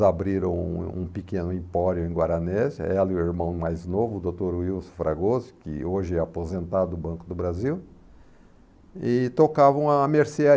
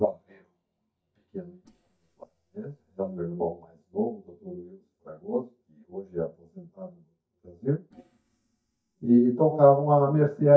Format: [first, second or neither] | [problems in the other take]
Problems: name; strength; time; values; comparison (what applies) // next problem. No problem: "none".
first | noise reduction (neural mask model DeepFilterNet 3)